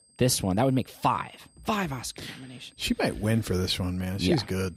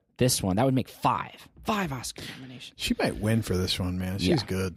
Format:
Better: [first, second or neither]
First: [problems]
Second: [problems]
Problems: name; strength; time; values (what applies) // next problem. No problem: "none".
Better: second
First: high-pitched whine; faint; throughout; 8.5 kHz, 35 dB below the speech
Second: none